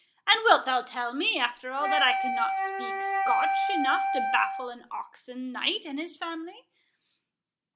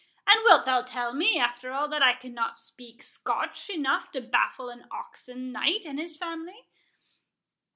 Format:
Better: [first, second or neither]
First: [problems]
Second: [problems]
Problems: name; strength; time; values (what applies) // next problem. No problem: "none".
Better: second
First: background sound (Wind instrument, woodwind instrument); 1 dB above the speech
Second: none